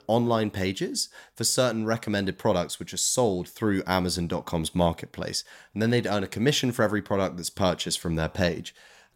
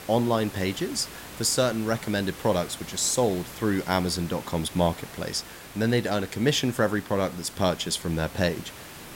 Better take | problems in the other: first | hiss; noticeable; throughout; 15 dB below the speech

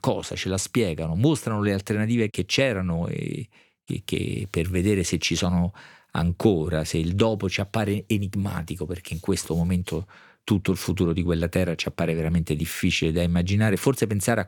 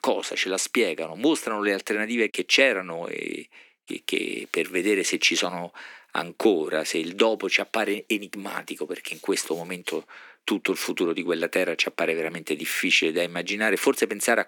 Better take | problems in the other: first | thin; somewhat; fading below 250 Hz

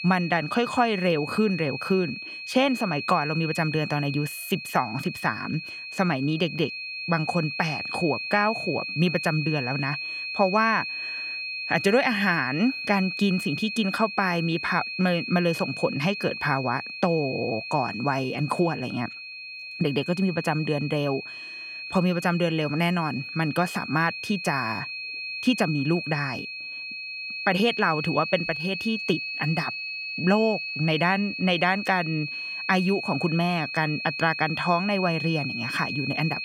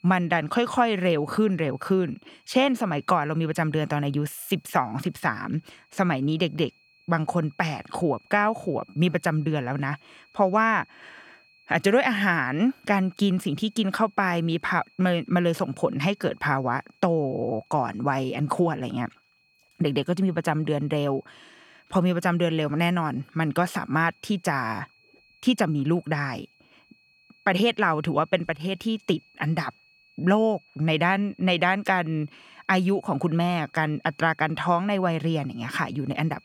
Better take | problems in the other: second | high-pitched whine; loud; throughout; 2.5 kHz, 6 dB below the speech; faint in the second

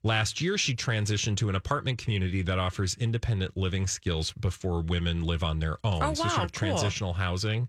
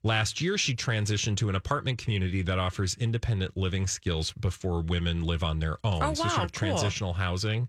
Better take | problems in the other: neither | none

